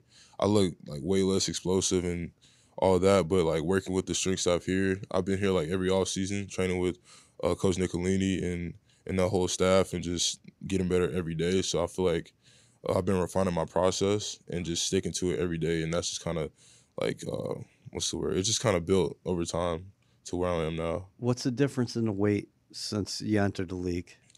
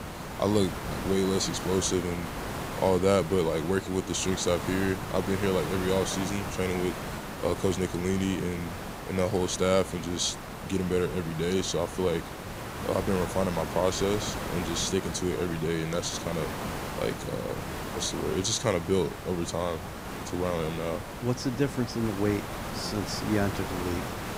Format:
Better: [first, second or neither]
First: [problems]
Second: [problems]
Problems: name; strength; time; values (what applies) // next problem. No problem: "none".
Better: first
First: none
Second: hiss; loud; throughout; 7 dB below the speech